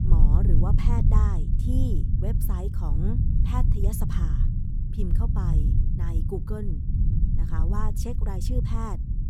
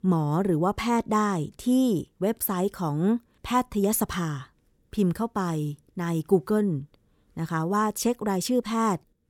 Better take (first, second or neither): second